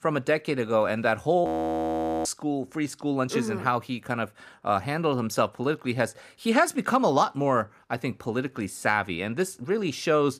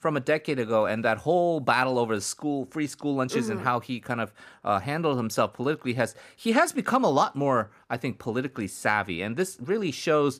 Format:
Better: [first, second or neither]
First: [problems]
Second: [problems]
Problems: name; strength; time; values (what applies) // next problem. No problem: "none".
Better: second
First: audio freezing; at 1.5 s for 1 s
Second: none